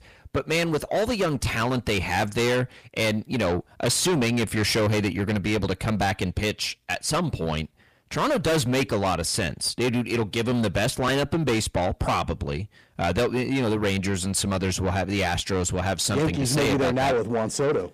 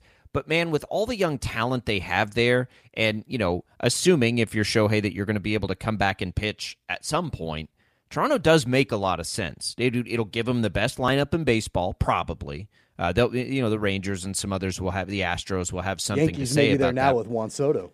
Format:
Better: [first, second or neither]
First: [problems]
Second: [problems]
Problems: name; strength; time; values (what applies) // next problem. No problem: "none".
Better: second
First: distortion; heavy; 5 dB below the speech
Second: none